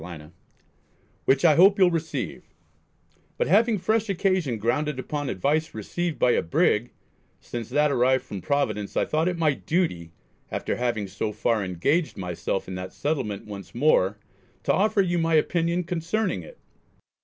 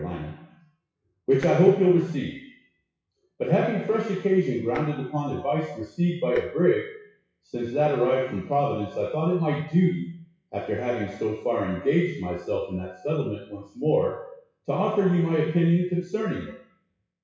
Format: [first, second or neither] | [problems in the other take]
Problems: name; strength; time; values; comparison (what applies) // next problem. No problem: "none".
first | noise reduction (classical method WPE with log-MMSE)